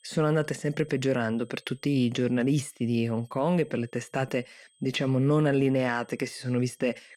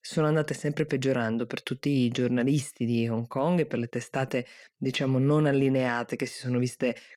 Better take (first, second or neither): second